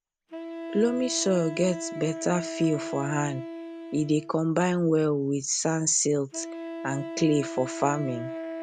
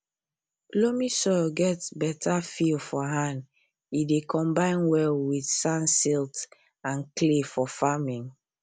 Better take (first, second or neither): second